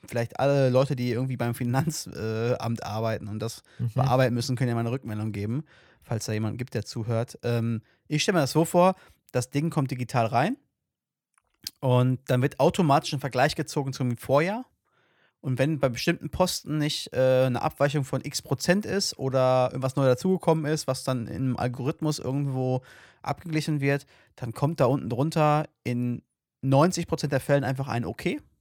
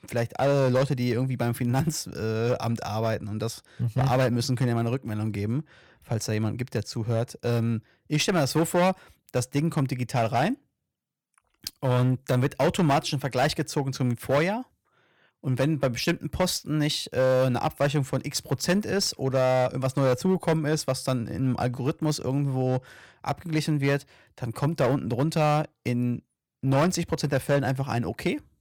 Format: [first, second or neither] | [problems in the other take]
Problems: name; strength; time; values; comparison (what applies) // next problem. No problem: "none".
first | distortion; slight; 7% of the sound clipped